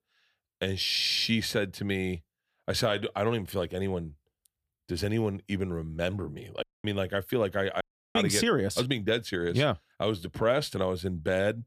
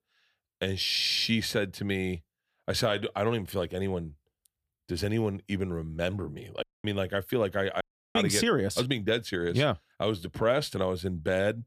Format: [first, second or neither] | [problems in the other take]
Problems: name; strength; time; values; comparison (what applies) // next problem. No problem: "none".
neither | audio cutting out; at 6.5 s and at 8 s; the same in both